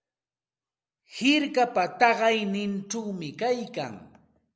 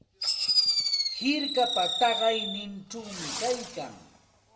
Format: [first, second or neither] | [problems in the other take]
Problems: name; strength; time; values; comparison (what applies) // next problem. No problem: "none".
first | background sound (Fireworks); as loud as the speech // room echo; dies away in 0.1 s